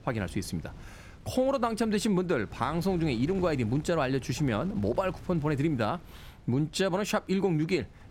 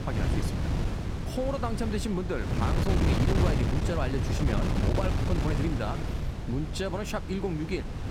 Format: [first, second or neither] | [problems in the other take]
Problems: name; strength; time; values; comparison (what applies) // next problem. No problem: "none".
first | wind noise on the microphone; heavy; 2 dB below the speech; occasional gusts in the first